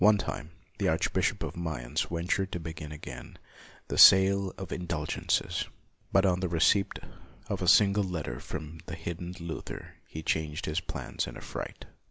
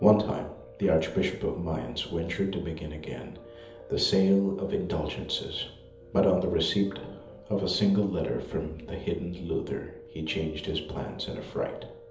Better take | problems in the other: first | background sound (Piano); 20 dB below the speech // room echo; dies away in 0.7 s

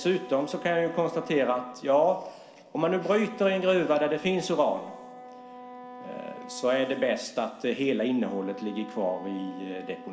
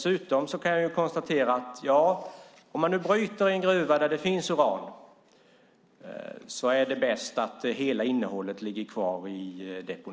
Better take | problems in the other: second | background sound (Wind instrument, woodwind instrument); 16 dB below the speech // room echo; dies away in 2.8 s

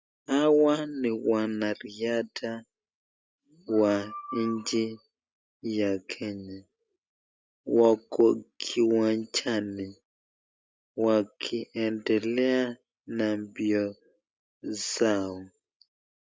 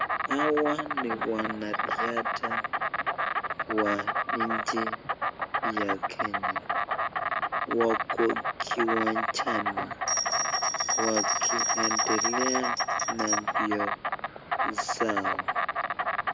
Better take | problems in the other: first | background sound (Insect + Bell); 4 dB above the speech

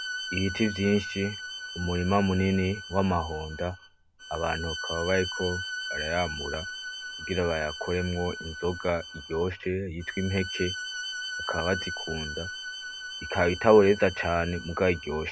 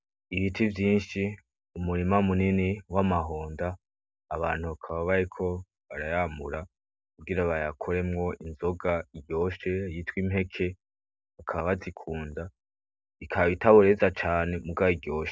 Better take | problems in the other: second | background sound (Bowed string instrument); 9 dB below the speech

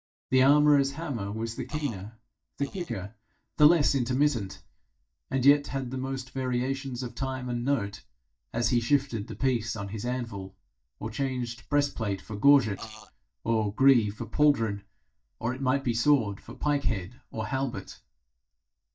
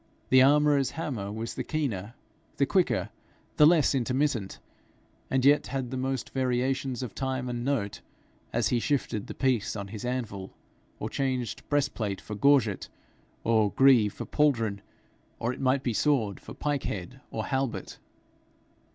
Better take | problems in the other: second | noise reduction (neural mask model DeepFilterNet 3)

